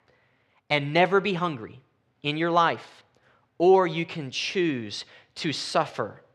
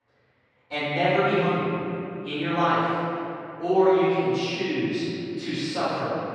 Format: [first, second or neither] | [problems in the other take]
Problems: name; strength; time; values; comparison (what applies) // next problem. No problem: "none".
first | off-mic speech; far // room echo; strong; dies away in 2.8 s